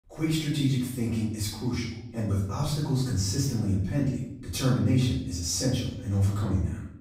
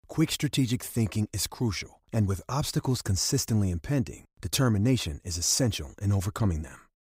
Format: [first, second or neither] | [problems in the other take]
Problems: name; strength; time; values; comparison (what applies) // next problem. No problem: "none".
second | off-mic speech; far // room echo; noticeable; dies away in 0.7 s